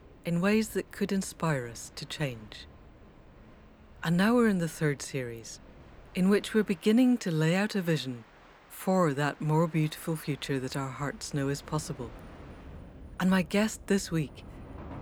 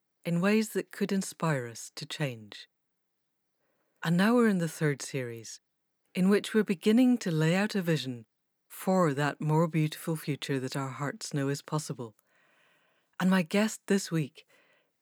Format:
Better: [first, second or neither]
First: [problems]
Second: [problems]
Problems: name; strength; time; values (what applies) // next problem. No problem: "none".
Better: second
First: train or aircraft noise; faint; throughout; 20 dB below the speech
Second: none